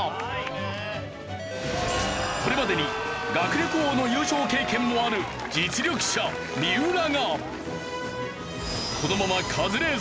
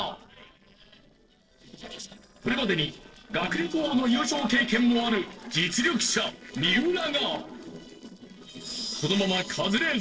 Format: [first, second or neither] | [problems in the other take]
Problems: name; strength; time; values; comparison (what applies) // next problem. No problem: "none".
first | noise reduction (neural separator model SepFormer DNS4)